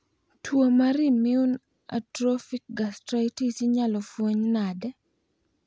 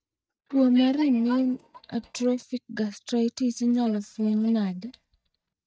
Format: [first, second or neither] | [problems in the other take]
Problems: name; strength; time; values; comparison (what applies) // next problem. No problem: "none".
first | noise reduction (neural mask model DeepFilterNet 3)